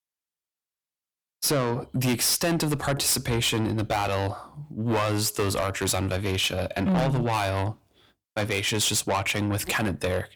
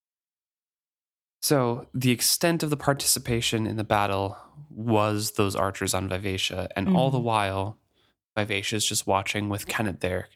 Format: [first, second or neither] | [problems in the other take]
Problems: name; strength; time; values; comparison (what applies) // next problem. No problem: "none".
second | distortion; heavy; 6 dB below the speech